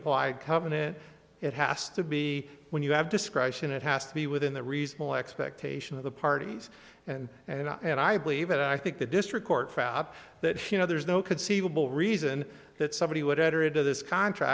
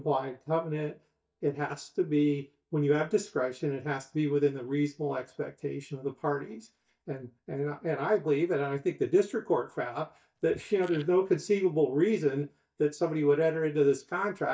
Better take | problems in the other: first | noise reduction (neural mask model DeepFilterNet 3)

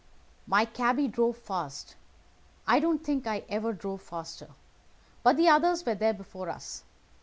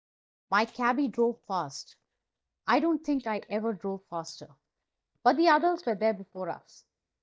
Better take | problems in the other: first | noise reduction (neural mask model DeepFilterNet 3)

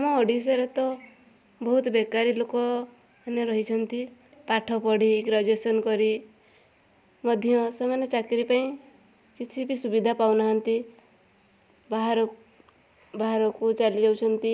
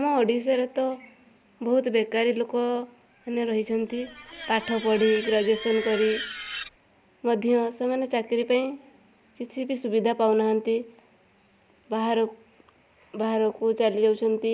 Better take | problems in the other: first | background sound (Screech); 12 dB below the speech

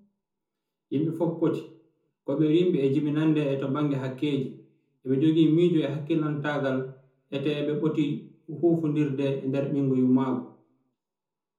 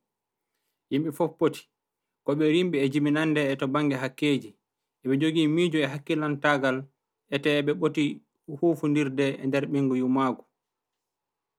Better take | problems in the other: second | room echo; dies away in 0.5 s

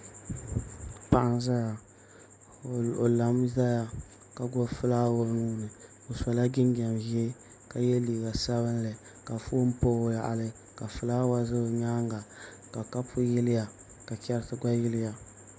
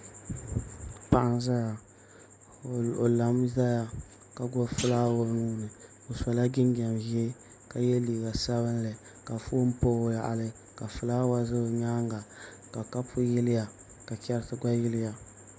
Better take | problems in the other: first | background sound (Thump, thud); 12 dB below the speech

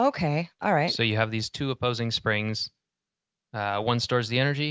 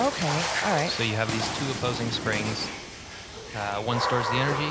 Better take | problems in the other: first | background sound (Water / Splash, splatter); 2 dB below the speech

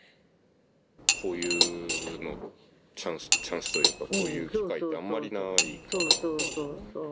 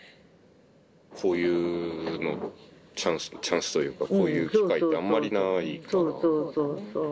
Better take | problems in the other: second | background sound (Cutlery, silverware / Dishes, pots, and pans); 5 dB above the speech

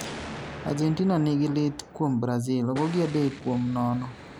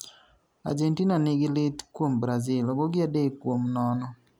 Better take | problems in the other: second | background sound (Explosion); 14 dB below the speech

